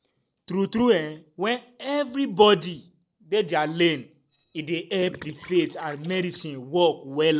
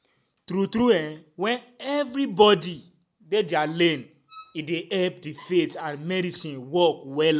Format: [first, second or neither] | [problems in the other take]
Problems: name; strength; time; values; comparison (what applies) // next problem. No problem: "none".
second | noise reduction (neural separator model SepFormer DNS4)